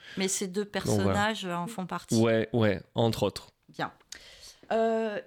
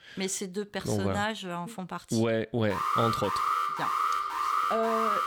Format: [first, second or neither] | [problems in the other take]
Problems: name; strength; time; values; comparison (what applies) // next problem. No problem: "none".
first | alarm; loud; from 2.5 s on; peak 4 dB above the speech